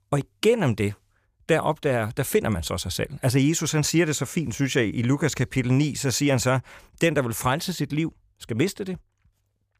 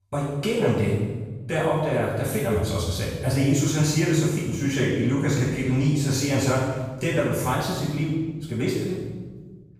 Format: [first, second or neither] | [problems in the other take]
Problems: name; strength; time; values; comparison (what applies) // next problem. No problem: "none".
first | off-mic speech; far // room echo; strong; dies away in 1.3 s